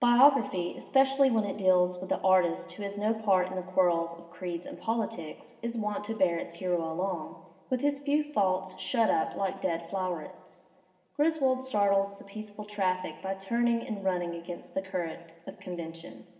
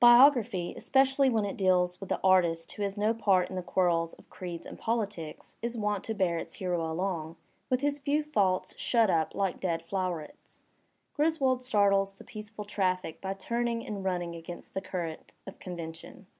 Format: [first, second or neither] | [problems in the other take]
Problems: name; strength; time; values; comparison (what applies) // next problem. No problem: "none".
second | room echo; dies away in 2.4 s